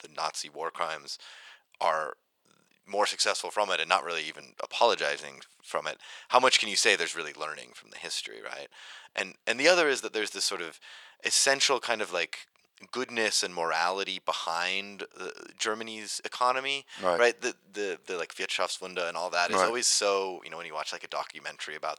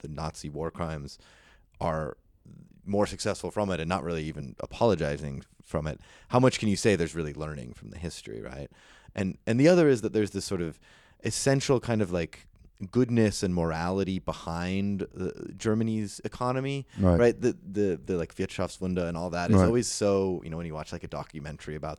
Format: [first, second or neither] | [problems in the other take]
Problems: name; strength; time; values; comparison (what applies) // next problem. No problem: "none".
second | thin; very; fading below 850 Hz